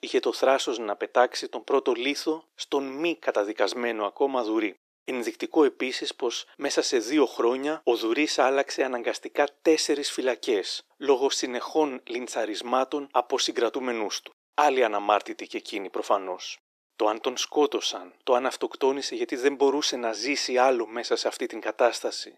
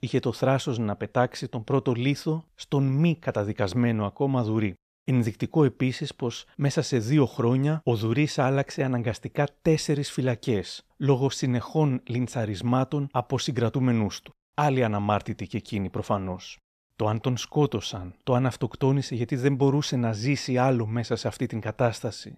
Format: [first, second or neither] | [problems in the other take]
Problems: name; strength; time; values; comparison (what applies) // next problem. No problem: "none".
second | thin; very; fading below 350 Hz